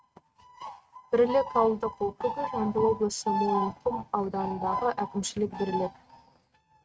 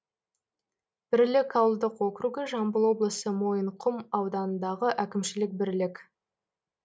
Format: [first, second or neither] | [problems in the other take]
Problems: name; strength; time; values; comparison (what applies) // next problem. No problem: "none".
second | noise reduction (neural mask model RNNoise)